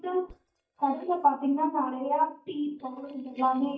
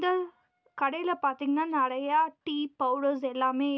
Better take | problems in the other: second | noise reduction (neural mask model DeepFilterNet 3)

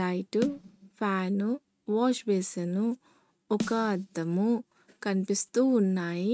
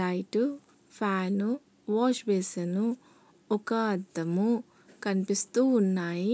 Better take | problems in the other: second | noise reduction (neural mask model RNNoise)

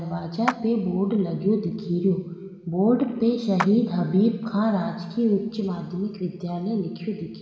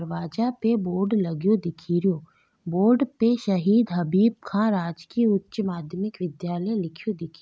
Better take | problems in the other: second | background sound (Clapping); 11 dB below the speech // room echo; dies away in 1.9 s

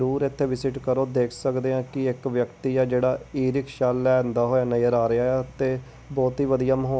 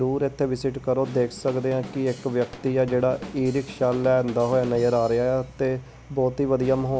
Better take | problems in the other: first | background sound (Drum / Drum kit); 18 dB below the speech

